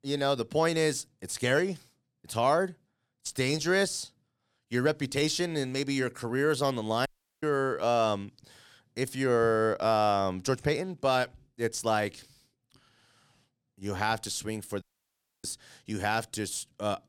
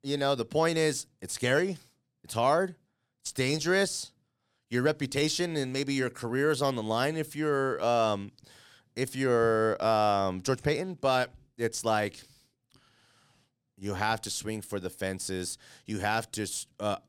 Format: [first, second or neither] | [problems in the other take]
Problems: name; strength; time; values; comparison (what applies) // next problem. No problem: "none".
second | audio cutting out; at 7 s and at 15 s for 0.5 s